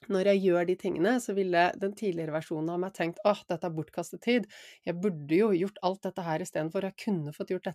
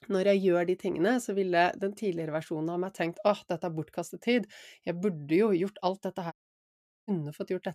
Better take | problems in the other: first | audio cutting out; at 6.5 s for 1 s

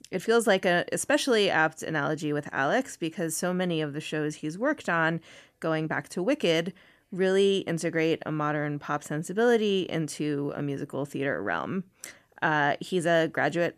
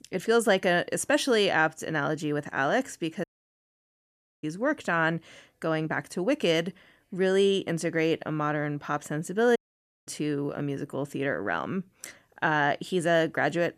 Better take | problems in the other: first | audio cutting out; at 3 s for 1 s and at 9.5 s for 0.5 s

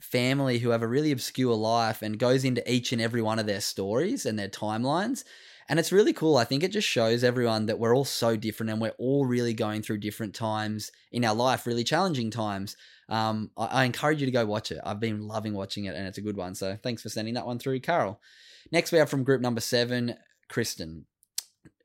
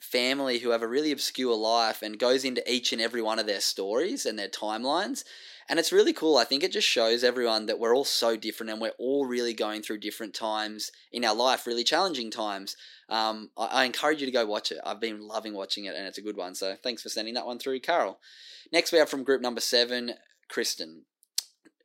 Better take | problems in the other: first | thin; somewhat; fading below 300 Hz

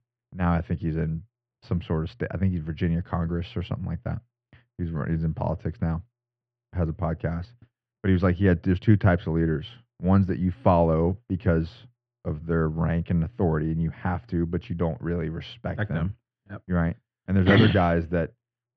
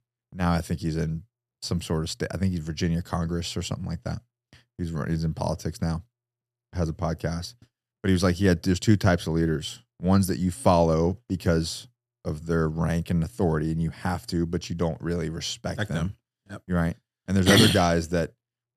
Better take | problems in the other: second | muffled; very; fading above 2.5 kHz

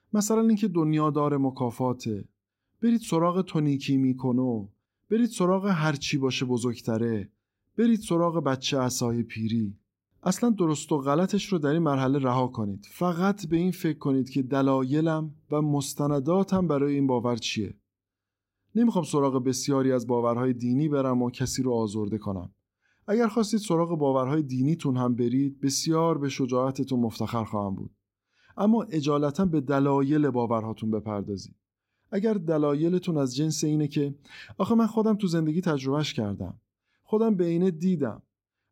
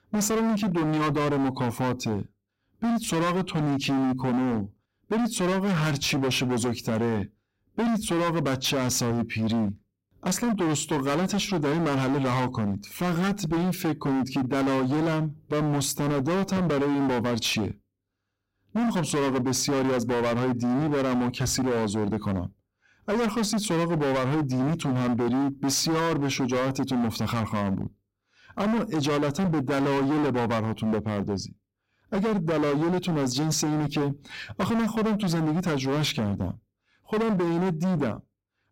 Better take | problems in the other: first | distortion; heavy; 32% of the sound clipped

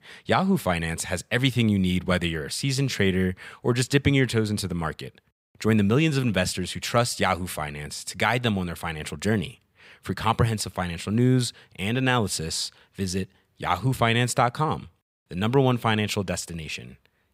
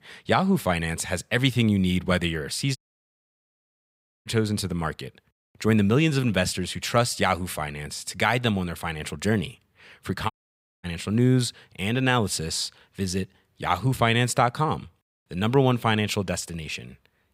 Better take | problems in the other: first | audio cutting out; at 3 s for 1.5 s and at 10 s for 0.5 s

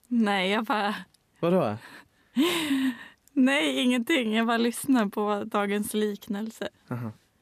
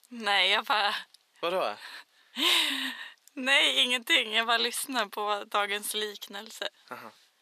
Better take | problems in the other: first | thin; very; fading below 650 Hz

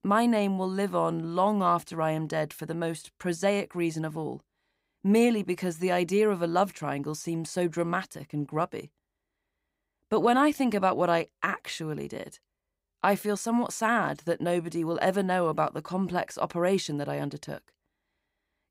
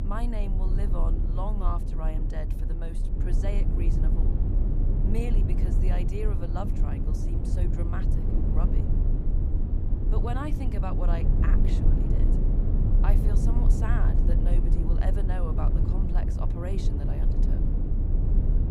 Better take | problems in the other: first | low rumble; loud; throughout; 1 dB below the speech

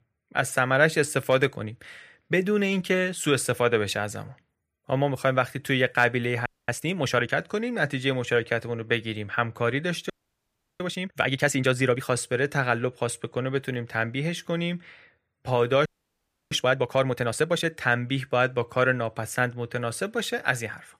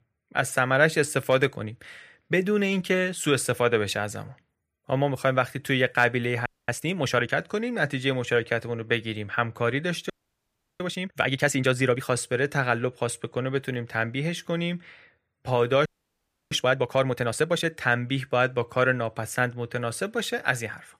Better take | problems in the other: neither | audio freezing; at 6.5 s, at 10 s for 0.5 s and at 16 s for 0.5 s; the same in both

